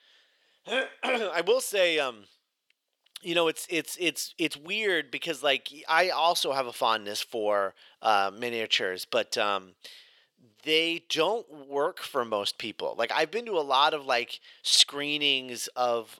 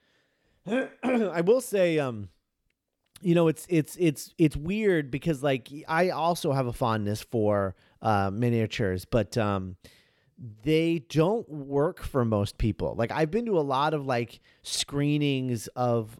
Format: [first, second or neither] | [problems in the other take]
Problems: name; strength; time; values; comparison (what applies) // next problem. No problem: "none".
second | thin; very; fading below 600 Hz